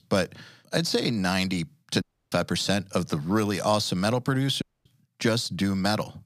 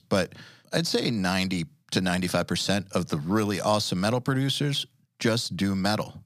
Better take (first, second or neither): second